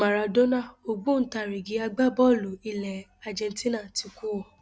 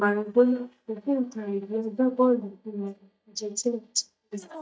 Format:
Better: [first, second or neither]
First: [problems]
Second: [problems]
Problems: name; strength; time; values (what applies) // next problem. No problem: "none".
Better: first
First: none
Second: noise reduction (neural mask model DeepFilterNet 3)